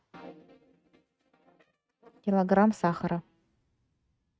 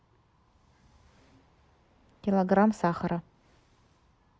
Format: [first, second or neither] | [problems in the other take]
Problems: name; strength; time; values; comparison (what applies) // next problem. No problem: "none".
second | noise reduction (neural mask model RNNoise)